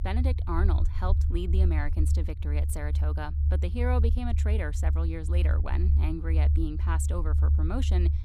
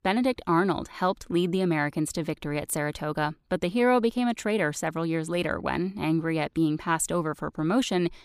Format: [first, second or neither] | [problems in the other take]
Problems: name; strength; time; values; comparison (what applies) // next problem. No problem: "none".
second | low rumble; loud; throughout; 7 dB below the speech